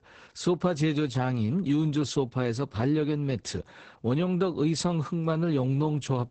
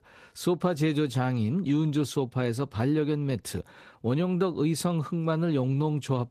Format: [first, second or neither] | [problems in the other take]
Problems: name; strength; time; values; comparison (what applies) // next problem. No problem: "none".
second | garbled, watery; badly; nothing above 8 kHz; slightly in the second